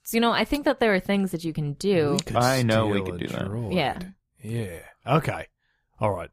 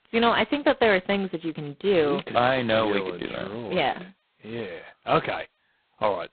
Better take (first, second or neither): first